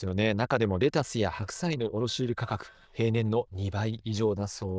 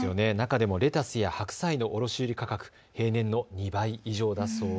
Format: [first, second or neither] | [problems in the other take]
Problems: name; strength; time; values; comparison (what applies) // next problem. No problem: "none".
second | noise reduction (neural diffusion model UNIVERSE++)